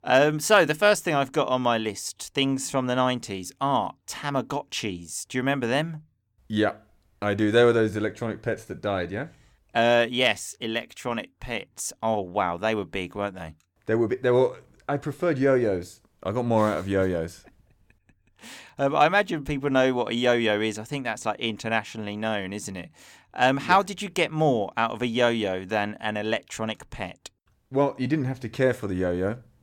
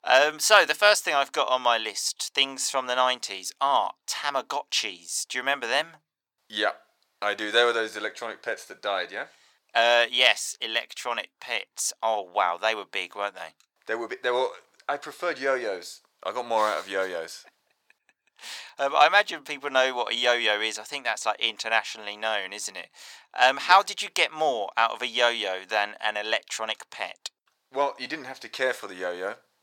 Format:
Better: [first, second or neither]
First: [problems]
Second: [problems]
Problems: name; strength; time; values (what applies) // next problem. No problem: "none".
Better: first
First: none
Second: thin; very; fading below 800 Hz